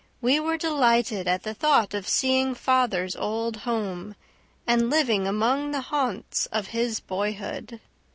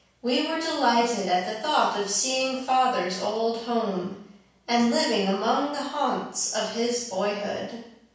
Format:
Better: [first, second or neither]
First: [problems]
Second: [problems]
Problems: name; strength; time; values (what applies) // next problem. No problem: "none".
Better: first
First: none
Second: room echo; dies away in 0.7 s